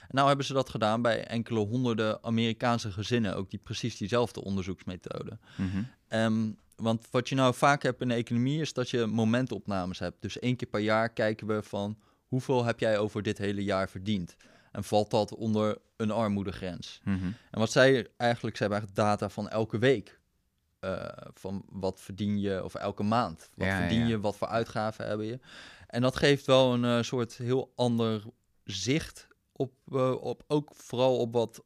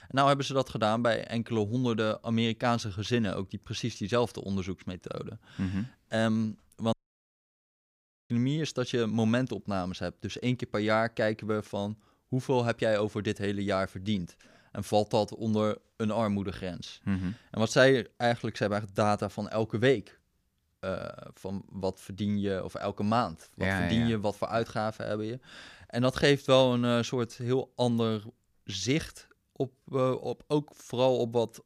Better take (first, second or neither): first